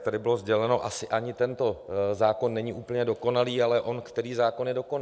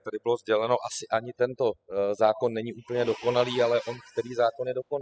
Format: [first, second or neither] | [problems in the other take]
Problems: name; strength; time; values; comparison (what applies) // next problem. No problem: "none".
first | noise reduction (classical method spectral subtraction)